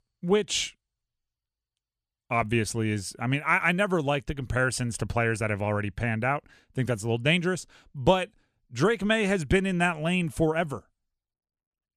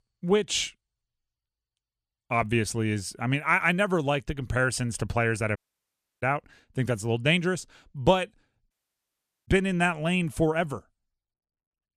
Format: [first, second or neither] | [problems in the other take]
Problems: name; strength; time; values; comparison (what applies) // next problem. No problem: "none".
first | audio cutting out; at 5.5 s for 0.5 s and at 8.5 s for 1 s